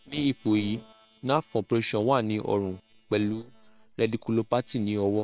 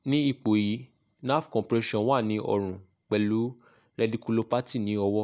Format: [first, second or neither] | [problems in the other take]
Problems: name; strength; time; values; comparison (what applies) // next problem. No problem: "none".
second | noise reduction (neural separator model SepFormer WHAM!)